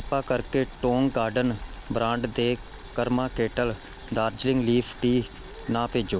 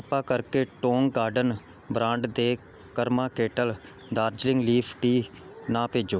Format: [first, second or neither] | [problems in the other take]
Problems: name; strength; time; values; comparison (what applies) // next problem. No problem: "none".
second | background sound (Boiling); 15 dB below the speech